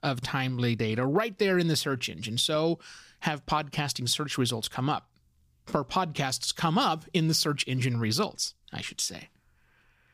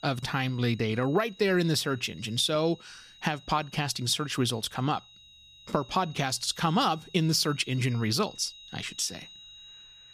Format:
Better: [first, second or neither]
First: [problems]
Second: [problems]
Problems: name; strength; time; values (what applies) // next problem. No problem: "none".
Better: first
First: none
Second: high-pitched whine; faint; throughout; 4 kHz, 20 dB below the speech